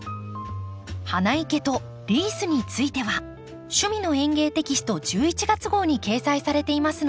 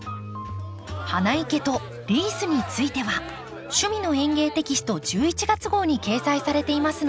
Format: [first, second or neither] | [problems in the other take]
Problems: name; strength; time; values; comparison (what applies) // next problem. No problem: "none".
first | background sound (Crowd); 14 dB below the speech